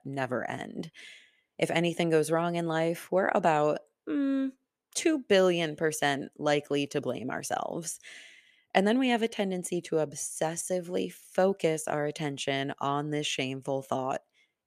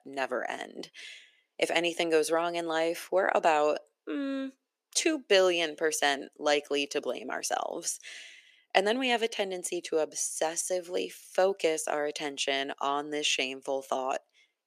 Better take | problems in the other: first | thin; somewhat; fading below 350 Hz

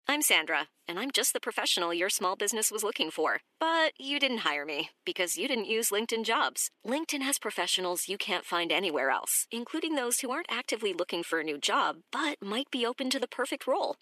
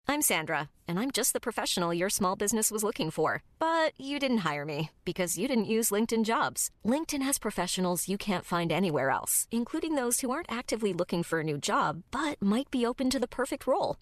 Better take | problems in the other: second | thin; very slightly; fading below 300 Hz

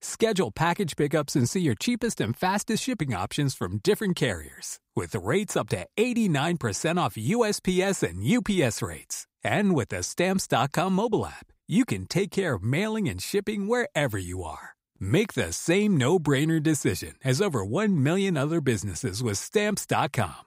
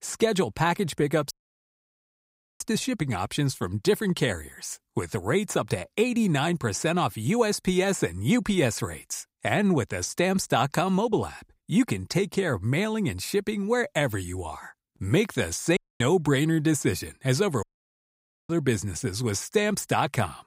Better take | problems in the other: first | audio cutting out; at 1.5 s for 1.5 s, at 16 s and at 18 s for 1 s

